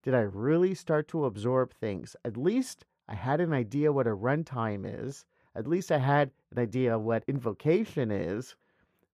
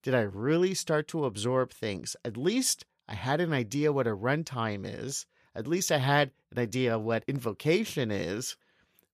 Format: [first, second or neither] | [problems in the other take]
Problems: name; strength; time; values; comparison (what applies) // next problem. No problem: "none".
second | muffled; slightly; fading above 2.5 kHz